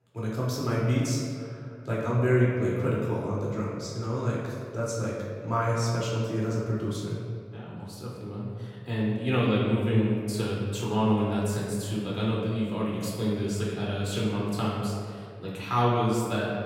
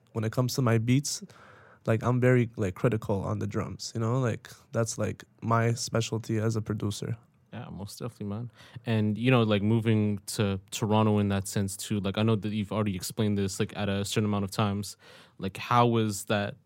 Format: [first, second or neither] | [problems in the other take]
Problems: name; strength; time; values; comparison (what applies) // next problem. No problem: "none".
second | off-mic speech; far // room echo; noticeable; dies away in 1.8 s